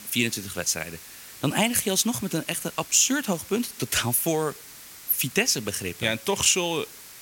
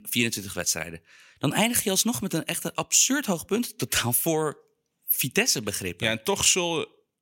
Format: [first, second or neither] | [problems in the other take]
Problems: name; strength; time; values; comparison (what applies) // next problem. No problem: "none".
second | hiss; noticeable; throughout; 15 dB below the speech